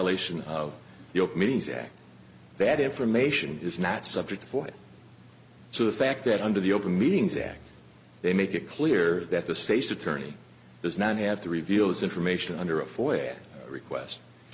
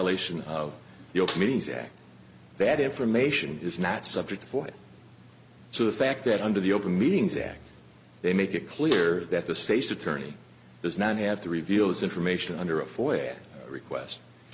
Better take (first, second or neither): first